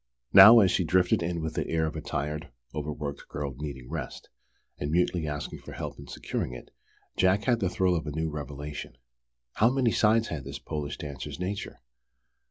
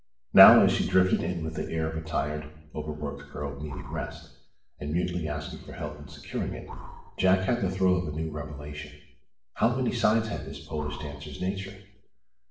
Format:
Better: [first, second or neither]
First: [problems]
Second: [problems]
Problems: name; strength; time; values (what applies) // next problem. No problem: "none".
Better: first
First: none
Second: noise reduction (neural separator model SepFormer DNS4)